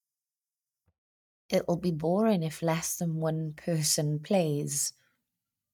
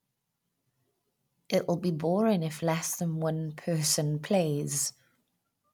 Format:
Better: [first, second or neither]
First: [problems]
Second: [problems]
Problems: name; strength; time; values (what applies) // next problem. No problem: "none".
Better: second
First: noise reduction (neural mask model DeepFilterNet 3)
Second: none